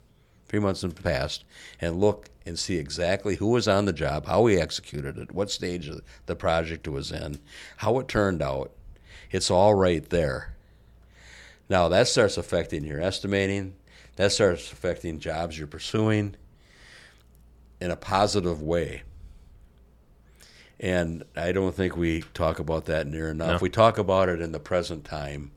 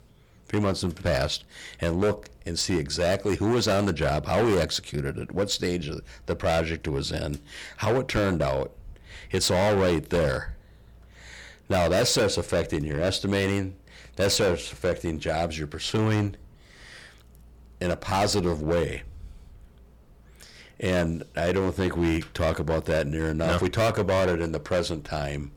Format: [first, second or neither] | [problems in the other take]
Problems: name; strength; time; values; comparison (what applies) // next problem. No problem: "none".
first | distortion; heavy; 10% of the sound clipped